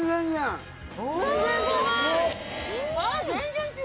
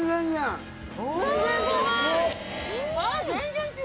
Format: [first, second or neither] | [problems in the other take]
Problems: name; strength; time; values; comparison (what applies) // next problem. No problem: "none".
first | background sound (Sawing / Engine + Bowed string instrument); 19 dB below the speech